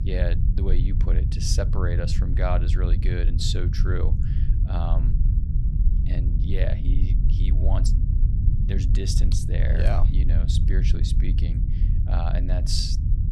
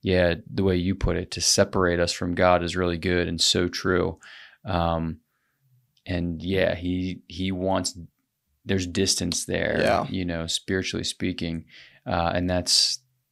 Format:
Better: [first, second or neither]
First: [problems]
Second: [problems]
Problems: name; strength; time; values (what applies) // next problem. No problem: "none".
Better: second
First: low rumble; loud; throughout; 6 dB below the speech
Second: none